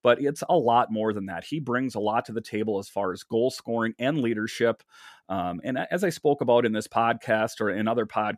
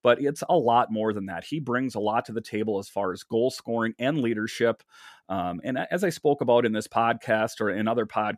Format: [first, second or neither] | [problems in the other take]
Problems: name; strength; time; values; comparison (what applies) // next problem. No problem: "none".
neither | none